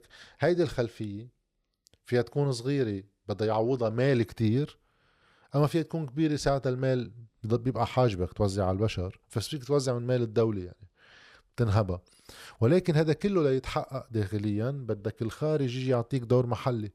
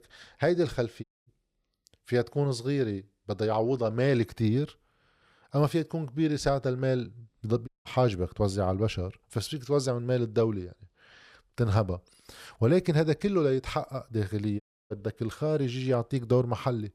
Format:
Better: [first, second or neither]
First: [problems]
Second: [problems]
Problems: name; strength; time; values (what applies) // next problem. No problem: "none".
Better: first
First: none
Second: audio cutting out; at 1 s, at 7.5 s and at 15 s